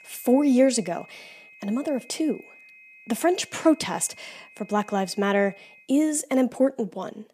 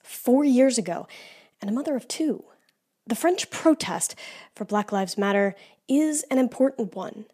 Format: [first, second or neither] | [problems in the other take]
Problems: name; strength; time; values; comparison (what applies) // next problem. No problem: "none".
second | high-pitched whine; faint; until 6 s; 2.5 kHz, 25 dB below the speech